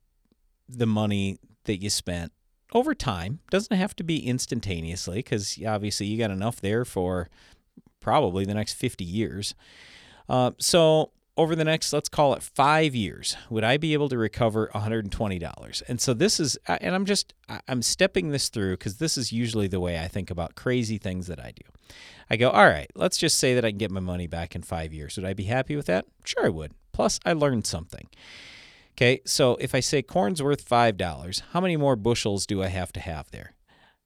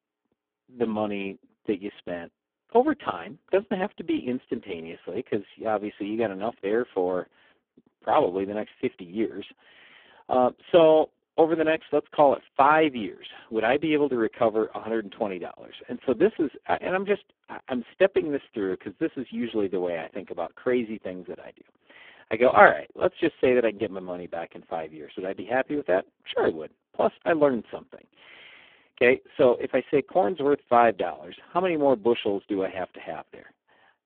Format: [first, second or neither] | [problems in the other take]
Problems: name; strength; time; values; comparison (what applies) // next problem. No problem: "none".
first | phone-call audio; poor line